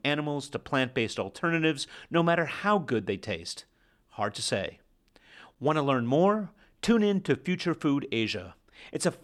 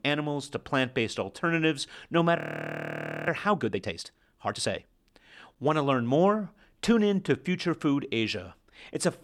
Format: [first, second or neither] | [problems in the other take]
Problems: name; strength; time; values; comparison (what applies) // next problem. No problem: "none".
first | audio freezing; at 2.5 s for 1 s